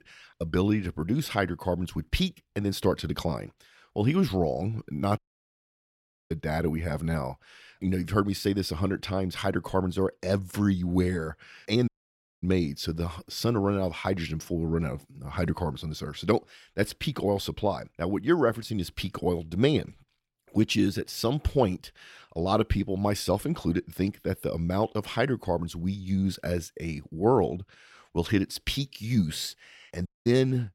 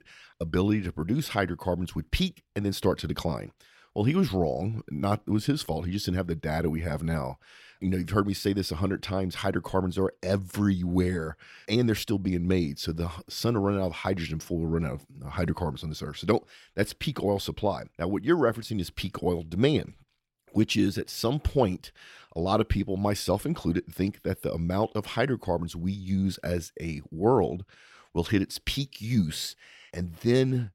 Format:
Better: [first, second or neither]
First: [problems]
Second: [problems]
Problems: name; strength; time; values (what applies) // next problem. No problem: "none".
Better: second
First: audio cutting out; at 5 s for 1 s, at 12 s for 0.5 s and at 30 s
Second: none